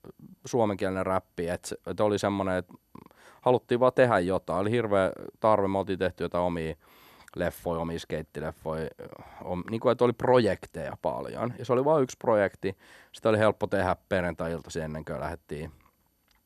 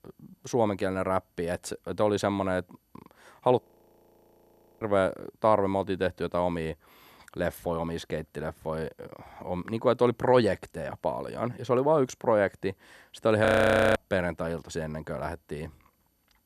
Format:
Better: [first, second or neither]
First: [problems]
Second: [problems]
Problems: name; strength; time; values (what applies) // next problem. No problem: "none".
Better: first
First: none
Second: audio freezing; at 3.5 s for 1 s and at 13 s for 0.5 s